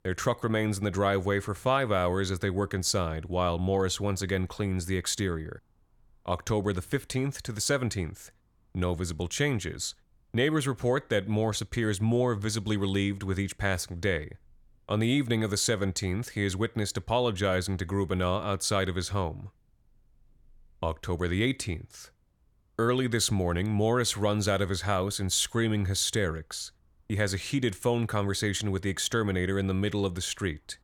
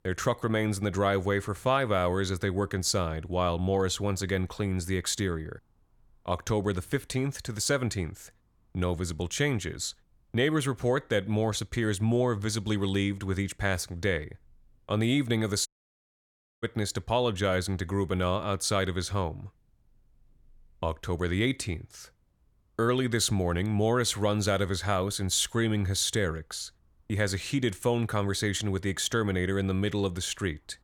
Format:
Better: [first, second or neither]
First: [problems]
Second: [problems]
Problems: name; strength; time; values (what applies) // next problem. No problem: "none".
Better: first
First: none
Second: audio cutting out; at 16 s for 1 s